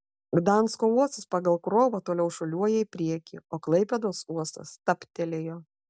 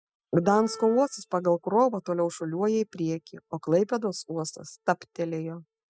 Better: first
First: none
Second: noise reduction (classical method spectral subtraction)

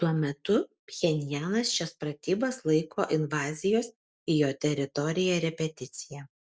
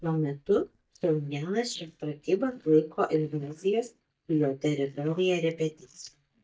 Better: first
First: none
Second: noise reduction (neural mask model DeepFilterNet 3)

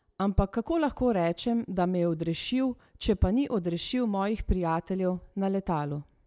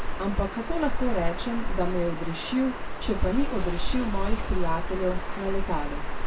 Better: first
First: none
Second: background sound (Water); 3 dB above the speech // room echo; dies away in 0.2 s

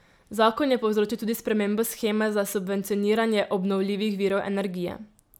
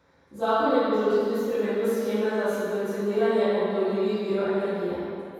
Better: first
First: none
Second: room echo; dies away in 2.2 s

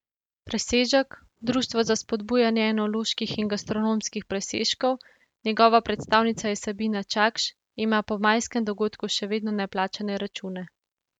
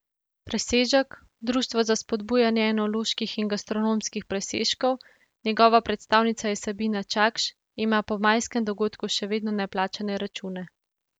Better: second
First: noise reduction (neural mask model RNNoise)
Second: none

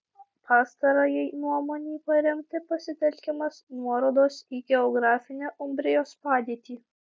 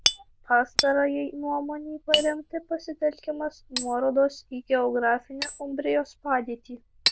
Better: first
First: none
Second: noise reduction (neural diffusion model UNIVERSE++)

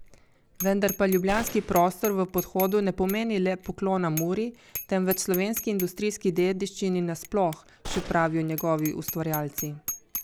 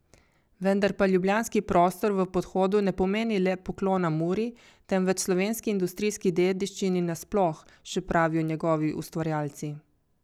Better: second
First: background sound (Gunshot, gunfire + Bicycle bell); 12 dB below the speech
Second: none

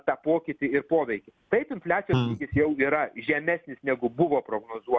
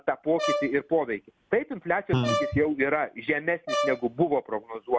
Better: first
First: none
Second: background sound (Brass instrument); 5 dB below the speech

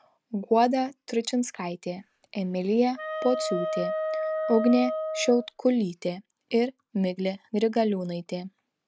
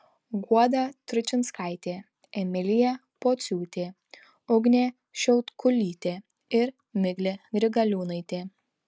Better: second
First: background sound (Wind instrument, woodwind instrument); 4 dB below the speech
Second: none

